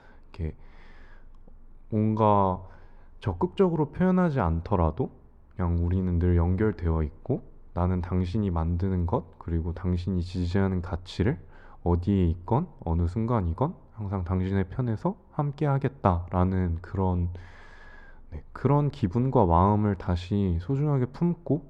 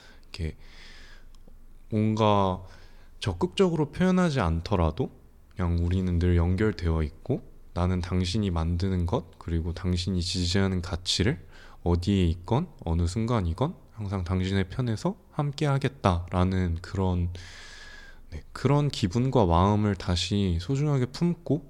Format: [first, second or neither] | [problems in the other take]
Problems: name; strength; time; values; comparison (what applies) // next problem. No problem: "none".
second | muffled; very; fading above 2.5 kHz